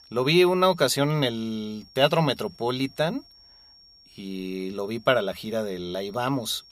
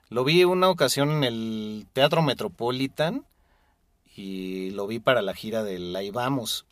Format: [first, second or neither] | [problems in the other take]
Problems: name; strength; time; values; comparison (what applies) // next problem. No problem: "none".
second | high-pitched whine; faint; throughout; 5.5 kHz, 25 dB below the speech